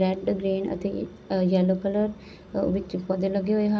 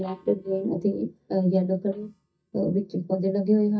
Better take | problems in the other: first | noise reduction (neural mask model DeepFilterNet 3)

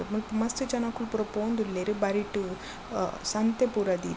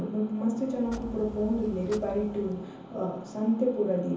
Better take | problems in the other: first | background sound (Clock); 16 dB below the speech // room echo; dies away in 0.7 s

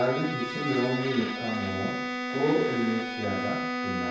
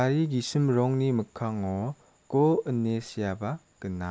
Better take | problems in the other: second | background sound (Bowed string instrument); 3 dB below the speech // room echo; dies away in 0.7 s

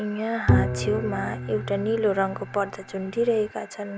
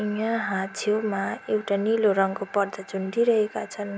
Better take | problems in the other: second | background sound (Bowed string instrument); 2 dB below the speech

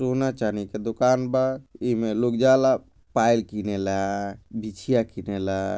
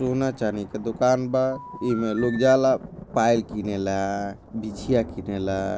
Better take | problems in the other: first | background sound (Thunder + Telephone); 16 dB below the speech

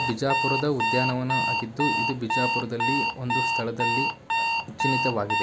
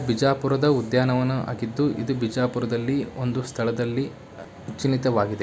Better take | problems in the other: second | background sound (Alarm); 3 dB above the speech

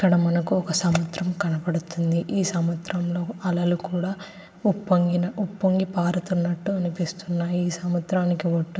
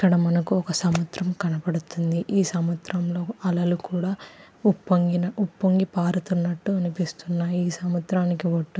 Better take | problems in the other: second | room echo; dies away in 1.3 s

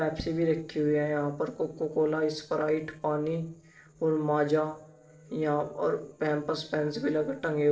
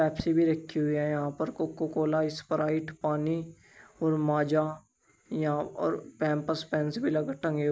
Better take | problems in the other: second | noise reduction (neural separator model SepFormer DNS4)

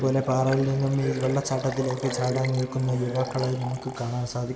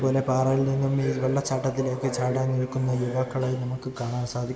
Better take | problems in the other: second | background sound (Liquid); 16 dB below the speech

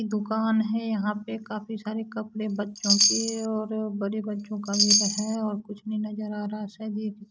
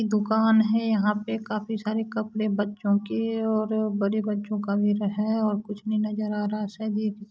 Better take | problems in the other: second | background sound (Chime); 2 dB above the speech

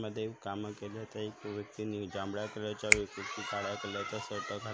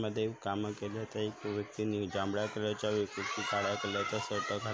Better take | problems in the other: second | background sound (Finger snapping); 2 dB above the speech

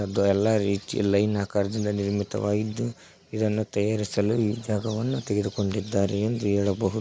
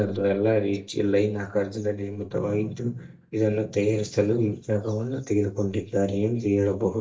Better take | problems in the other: first | noise reduction (neural mask model DeepFilterNet 3)

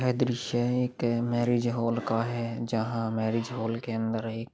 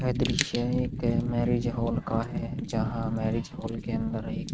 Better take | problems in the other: first | noise reduction (neural mask model RNNoise)

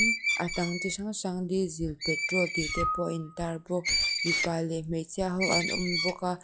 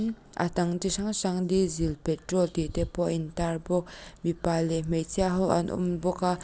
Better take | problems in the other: second | noise reduction (classical method log-MMSE)

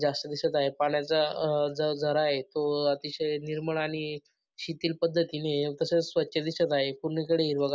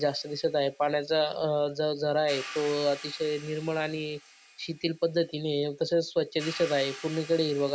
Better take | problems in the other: first | background sound (Hi-hat); 17 dB below the speech

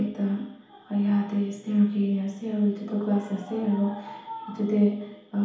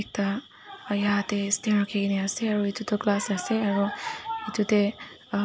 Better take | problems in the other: second | room echo; dies away in 2.2 s

